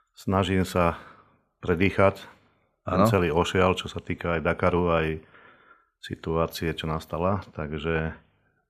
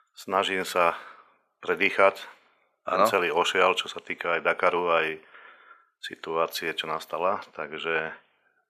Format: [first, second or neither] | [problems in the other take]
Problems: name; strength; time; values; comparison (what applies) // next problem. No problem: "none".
first | thin; very; fading below 500 Hz